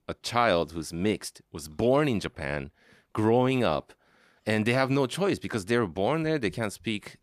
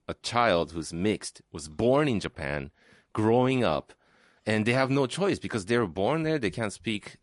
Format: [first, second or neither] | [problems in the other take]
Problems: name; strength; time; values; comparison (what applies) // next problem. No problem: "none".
first | garbled, watery; slightly; nothing above 10.5 kHz